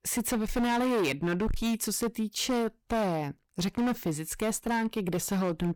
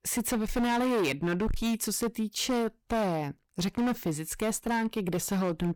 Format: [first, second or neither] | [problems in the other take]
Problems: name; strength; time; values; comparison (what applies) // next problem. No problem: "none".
neither | distortion; heavy; 20% of the sound clipped; the same in both